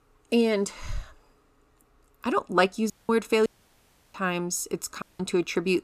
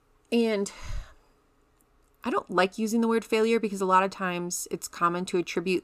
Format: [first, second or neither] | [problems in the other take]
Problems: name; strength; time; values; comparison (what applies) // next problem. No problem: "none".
second | audio cutting out; at 3 s, at 3.5 s for 0.5 s and at 5 s